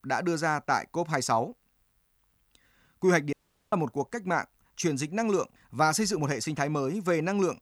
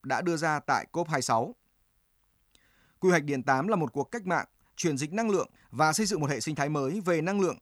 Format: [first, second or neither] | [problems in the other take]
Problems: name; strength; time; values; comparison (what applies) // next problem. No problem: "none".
second | audio cutting out; at 3.5 s